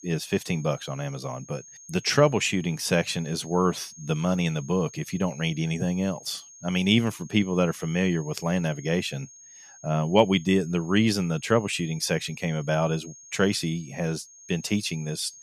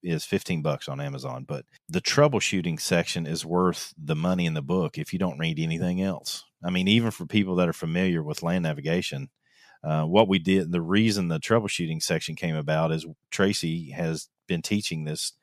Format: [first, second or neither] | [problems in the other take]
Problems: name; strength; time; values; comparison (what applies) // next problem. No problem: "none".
second | high-pitched whine; noticeable; throughout; 6.5 kHz, 20 dB below the speech